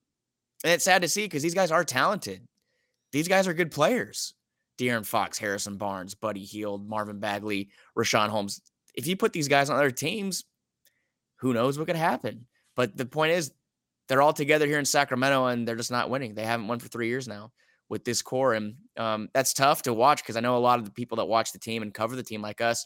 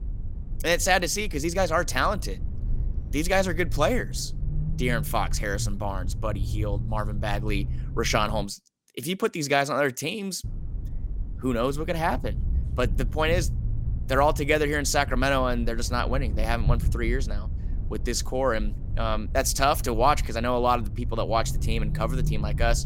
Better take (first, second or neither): first